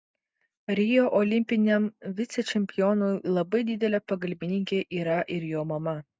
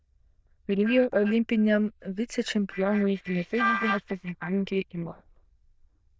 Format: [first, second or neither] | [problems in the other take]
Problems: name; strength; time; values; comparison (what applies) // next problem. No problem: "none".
first | noise reduction (neural diffusion model UNIVERSE++)